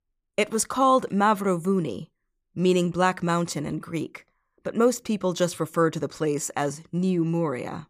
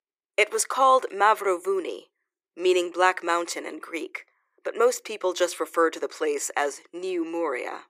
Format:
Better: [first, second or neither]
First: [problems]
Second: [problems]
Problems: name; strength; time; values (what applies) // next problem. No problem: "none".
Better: first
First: none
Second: thin; very; fading below 350 Hz